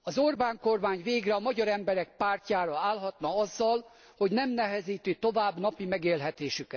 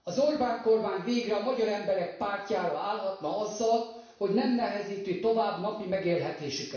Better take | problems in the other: first | room echo; dies away in 0.7 s

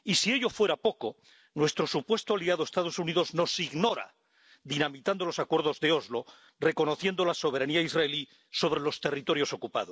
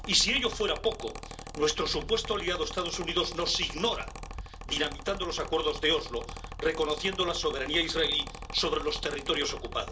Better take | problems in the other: first | background sound (Mechanical fan); 10 dB below the speech // room echo; dies away in 0.2 s

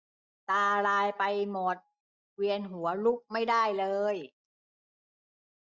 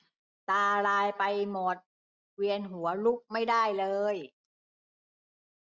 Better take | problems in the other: second | noise reduction (neural mask model DeepFilterNet 3)

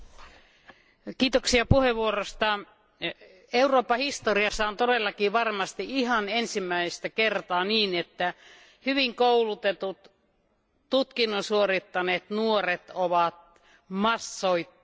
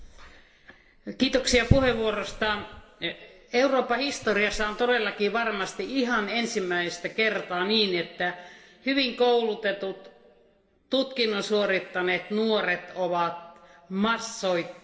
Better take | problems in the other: first | room echo; dies away in 2.8 s

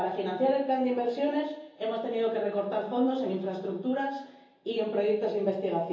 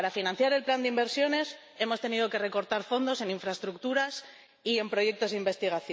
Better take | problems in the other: second | room echo; dies away in 0.7 s

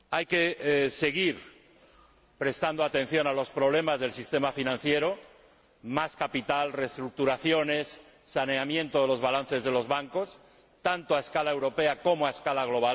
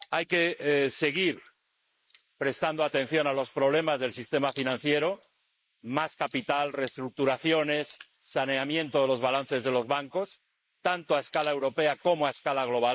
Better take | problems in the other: first | noise reduction (neural mask model Resemble Enhance denoiser)

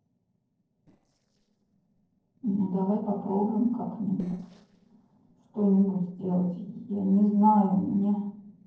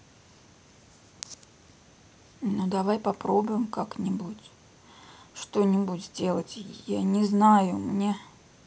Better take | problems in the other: second | noise reduction (neural separator model SepFormer DNS4)

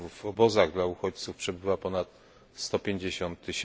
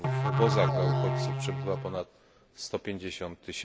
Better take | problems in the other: first | background sound (Musical instrument); 4 dB above the speech

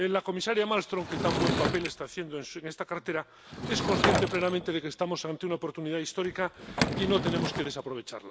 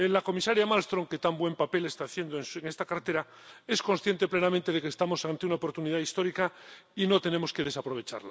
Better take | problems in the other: second | background sound (Sliding door / Wood); 2 dB below the speech

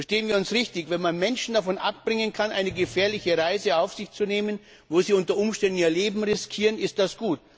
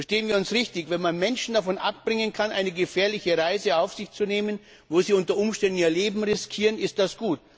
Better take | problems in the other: second | background sound (Drum); 20 dB below the speech

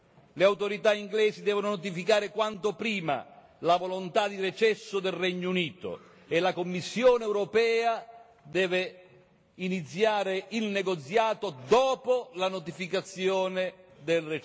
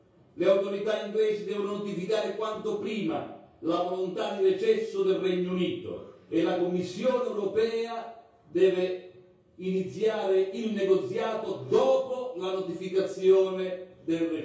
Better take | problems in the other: first | room echo; dies away in 0.6 s

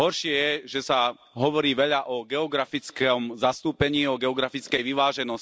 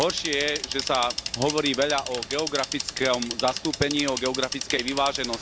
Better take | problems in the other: first | background sound (Bicycle); 6 dB below the speech

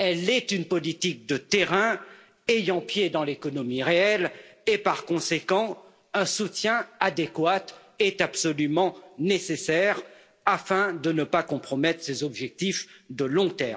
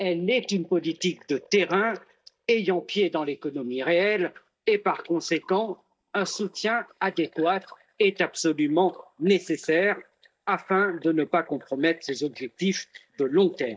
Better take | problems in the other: first | noise reduction (neural mask model DeepFilterNet 3)

